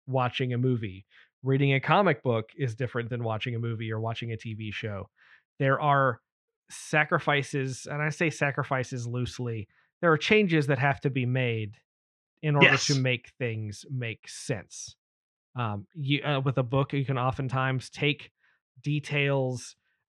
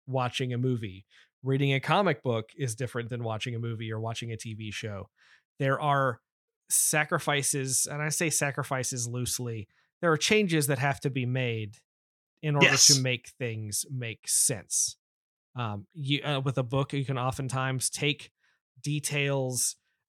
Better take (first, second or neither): second